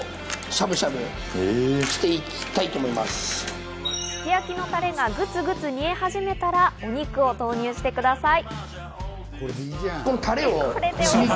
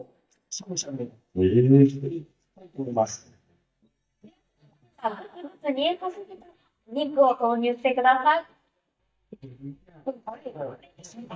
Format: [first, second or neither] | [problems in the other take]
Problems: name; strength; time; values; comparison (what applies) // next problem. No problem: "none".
first | noise reduction (neural mask model DeepFilterNet 3)